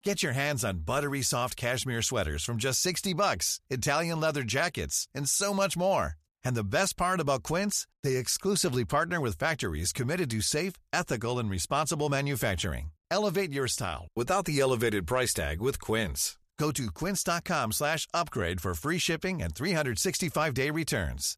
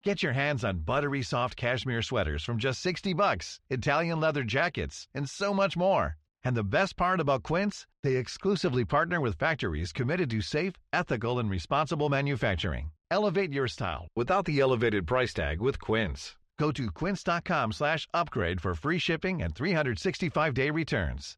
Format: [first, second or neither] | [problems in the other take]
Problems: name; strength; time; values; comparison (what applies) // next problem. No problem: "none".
first | muffled; slightly; fading above 3.5 kHz